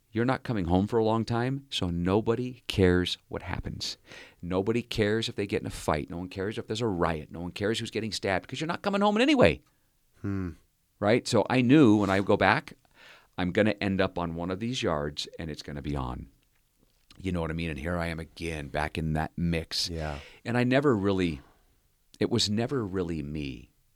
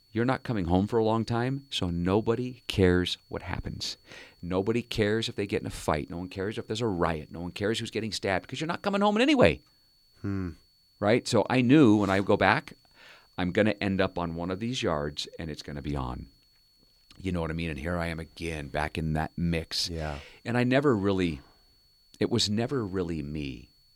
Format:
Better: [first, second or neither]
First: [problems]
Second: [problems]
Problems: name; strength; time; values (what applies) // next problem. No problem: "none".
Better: first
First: none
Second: high-pitched whine; faint; throughout; 4.5 kHz, 35 dB below the speech